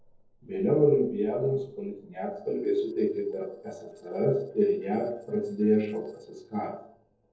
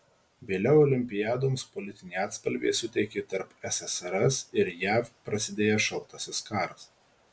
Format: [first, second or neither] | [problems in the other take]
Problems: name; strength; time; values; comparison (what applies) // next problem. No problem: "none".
second | noise reduction (neural separator model SepFormer DNS4)